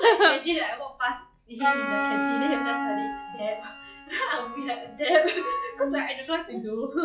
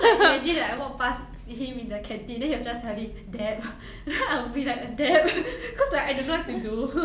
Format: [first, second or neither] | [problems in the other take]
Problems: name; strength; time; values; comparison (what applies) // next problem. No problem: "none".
second | noise reduction (classical method log-MMSE)